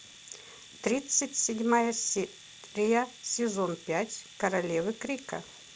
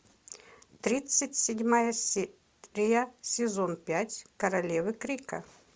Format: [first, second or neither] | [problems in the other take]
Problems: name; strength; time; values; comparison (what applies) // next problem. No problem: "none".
second | background sound (Domestic sounds, home sounds); 20 dB below the speech